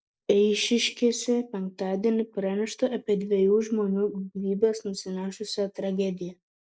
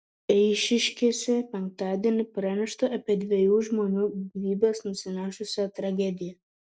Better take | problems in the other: second | noise reduction (neural mask model Resemble Enhance denoiser)

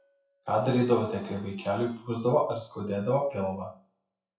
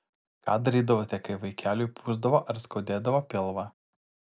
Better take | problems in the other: second | noise reduction (classical method WPE with log-MMSE)

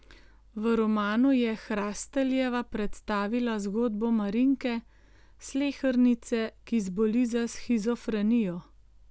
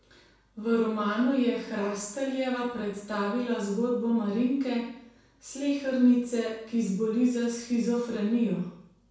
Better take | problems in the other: first | room echo; dies away in 0.6 s

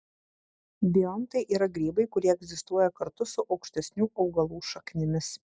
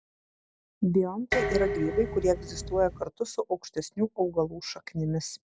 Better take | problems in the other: first | background sound (Dishes, pots, and pans); 5 dB below the speech

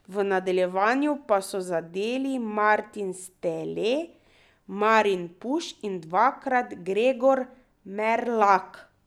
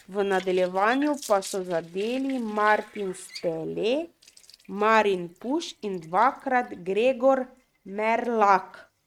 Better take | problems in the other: first | noise reduction (neural mask model RNNoise)

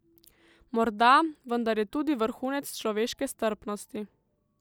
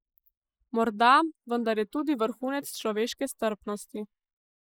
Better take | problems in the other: first | noise reduction (neural mask model Resemble Enhance denoiser)

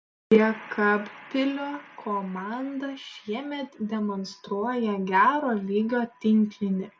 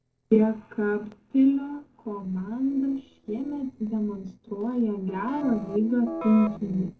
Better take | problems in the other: first | noise reduction (neural separator model SepFormer DNS4)

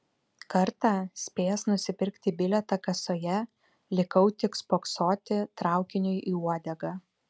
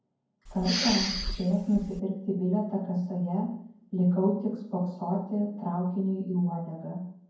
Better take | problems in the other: first | background sound (Respiratory sounds); 3 dB below the speech // room echo; dies away in 0.9 s

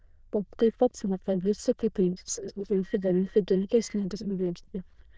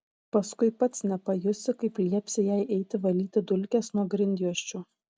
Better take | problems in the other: second | noise reduction (neural diffusion model UNIVERSE++)

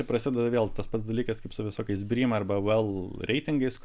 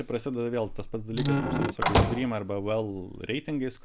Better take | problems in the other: first | background sound (Squeak / Slam / Wood); 4 dB above the speech

